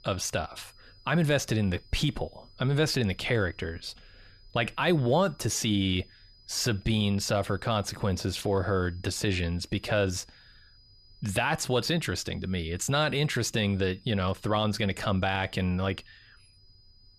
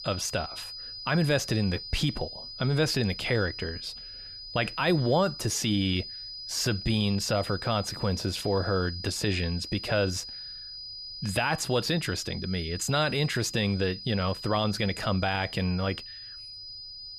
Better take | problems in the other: first | high-pitched whine; loud; throughout; 5 kHz, 10 dB below the speech; faint in the first

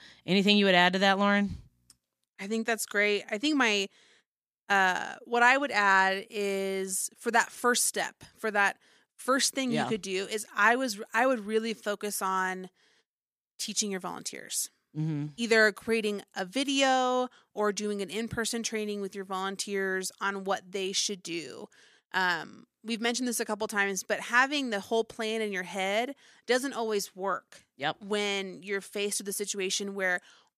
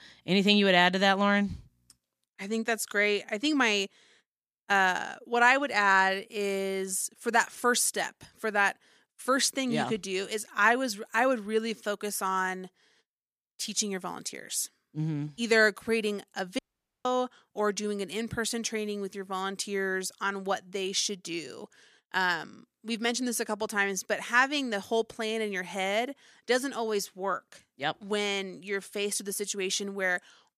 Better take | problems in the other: first | audio cutting out; at 17 s

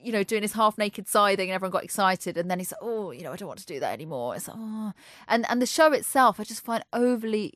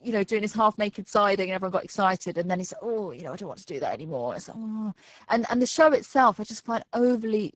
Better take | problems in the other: first | garbled, watery; badly; nothing above 7.5 kHz

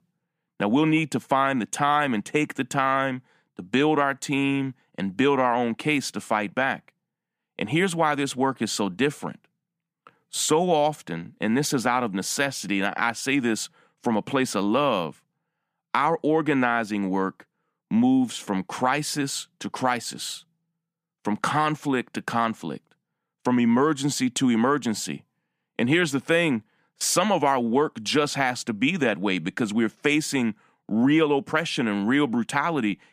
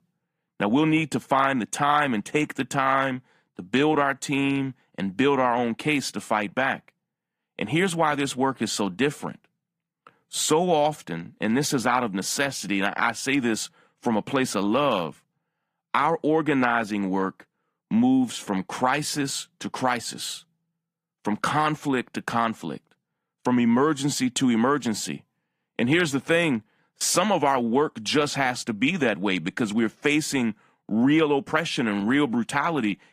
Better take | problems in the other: first | garbled, watery; slightly; nothing above 15 kHz

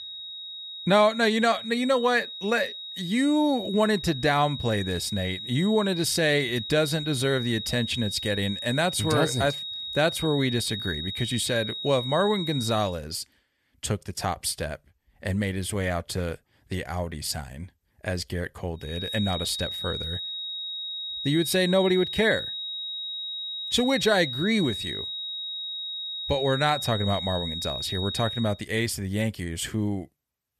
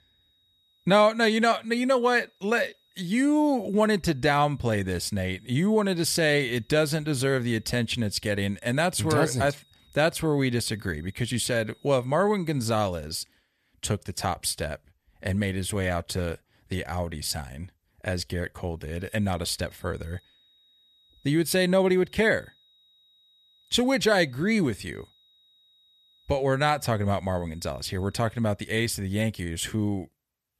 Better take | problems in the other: second | high-pitched whine; loud; until 13 s and from 19 to 28 s; 4 kHz, 6 dB below the speech; faint in the second

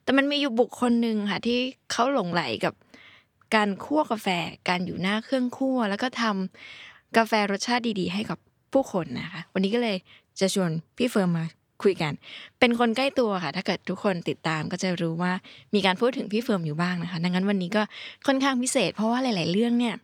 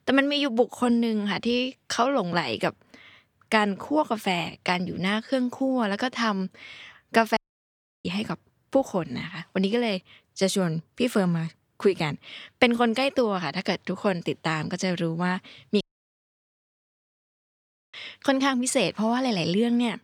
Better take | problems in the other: first | audio cutting out; at 7.5 s for 0.5 s and at 16 s for 2 s

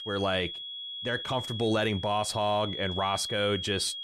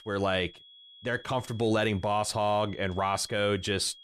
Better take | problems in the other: second | high-pitched whine; loud; throughout; 3.5 kHz, 6 dB below the speech; faint in the second

